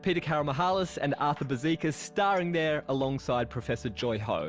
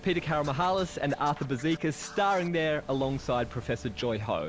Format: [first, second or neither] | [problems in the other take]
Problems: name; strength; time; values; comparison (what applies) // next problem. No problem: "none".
first | background sound (Waves, surf + Scratching (performance technique)); 19 dB below the speech